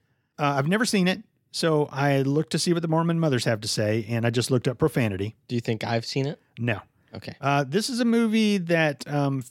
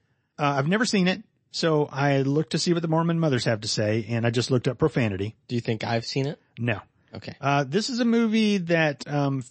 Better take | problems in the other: first | garbled, watery; slightly; nothing above 8 kHz

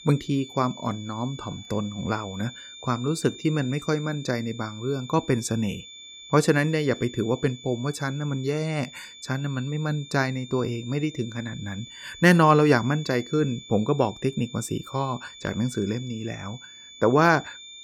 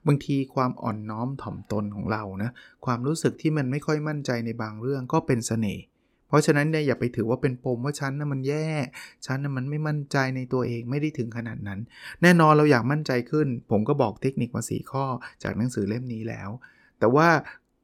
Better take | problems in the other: second | high-pitched whine; noticeable; throughout; 3.5 kHz, 15 dB below the speech

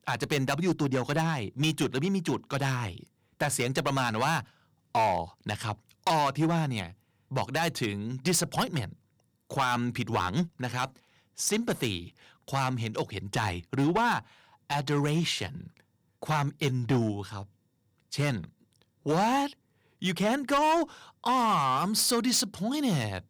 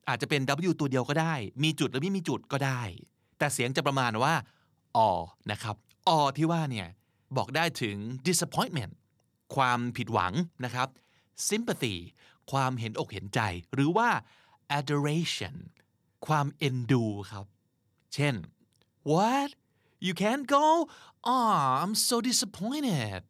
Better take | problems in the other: second | distortion; slight; 5% of the sound clipped

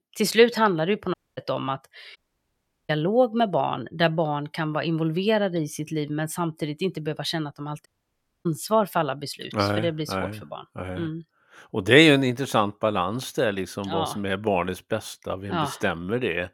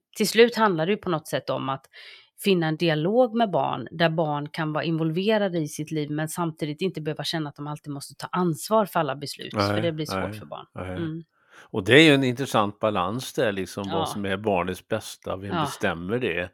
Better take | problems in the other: second | audio cutting out; at 1 s, at 2 s for 0.5 s and at 8 s for 0.5 s

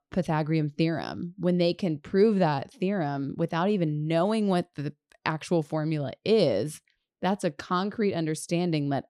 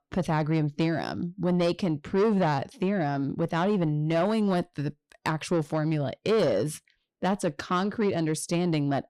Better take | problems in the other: first | distortion; slight; 10 dB below the speech

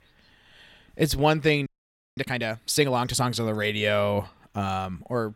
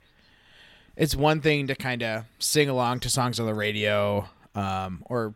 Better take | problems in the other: second | audio freezing; at 1.5 s for 0.5 s

